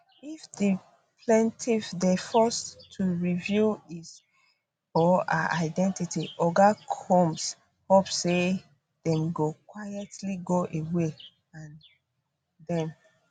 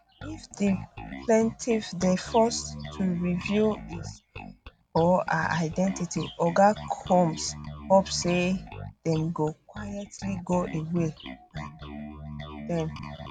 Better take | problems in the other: first | background sound (Bass guitar); 13 dB below the speech

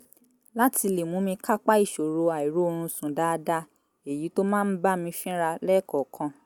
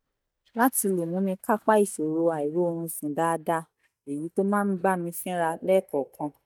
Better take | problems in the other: first | noise reduction (neural mask model DeepFilterNet 3)

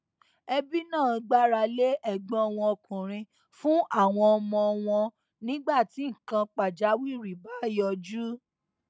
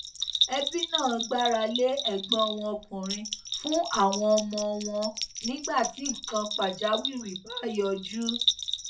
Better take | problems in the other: first | background sound (Bell); 4 dB below the speech // room echo; dies away in 0.2 s

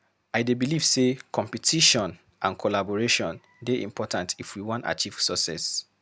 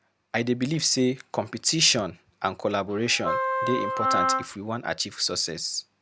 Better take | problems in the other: first | background sound (Wind instrument, woodwind instrument); as loud as the speech

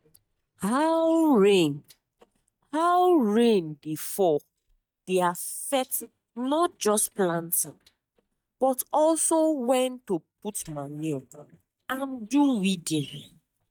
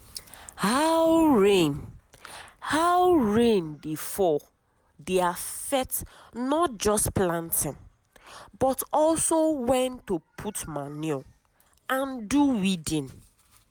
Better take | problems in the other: second | noise reduction (neural mask model DeepFilterNet 3)

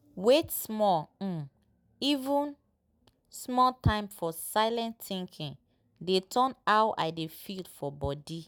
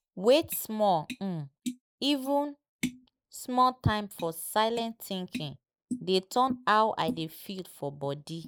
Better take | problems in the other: first | noise reduction (neural mask model Resemble Enhance denoiser)

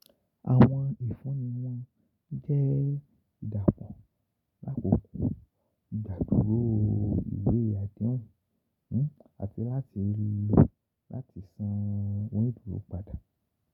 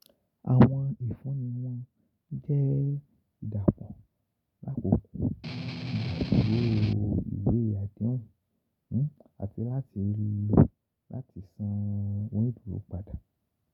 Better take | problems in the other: first | background sound (Strum); 5 dB below the speech

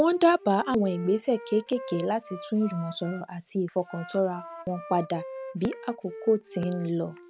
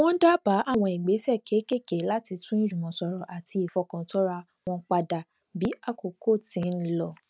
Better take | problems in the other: second | background sound (Wind instrument, woodwind instrument); 15 dB below the speech

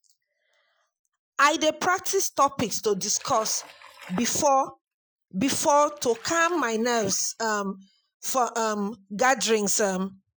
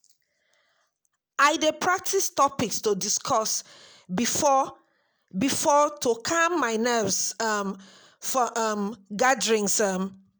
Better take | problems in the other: second | noise reduction (classical method Wiener filter)

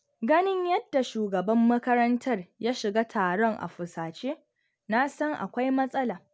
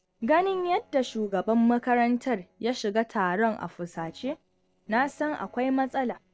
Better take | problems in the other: first | noise reduction (neural separator model SepFormer DNS4)

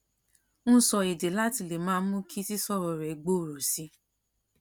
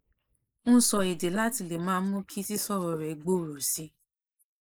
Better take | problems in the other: first | noise reduction (neural mask model Resemble Enhance denoiser)

